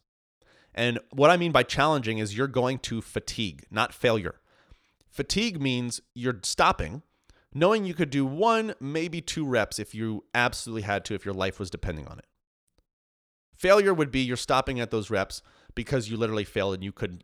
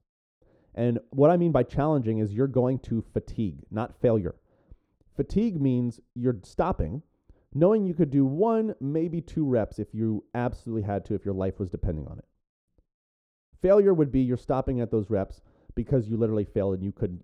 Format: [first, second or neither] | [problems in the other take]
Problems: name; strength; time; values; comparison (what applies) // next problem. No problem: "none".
first | muffled; very; fading above 1 kHz